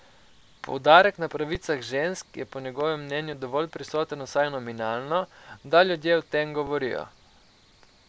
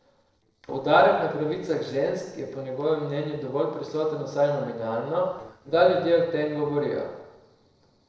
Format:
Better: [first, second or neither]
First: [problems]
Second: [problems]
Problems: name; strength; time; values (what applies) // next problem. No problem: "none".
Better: first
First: none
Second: noise reduction (neural separator model SepFormer DNS4)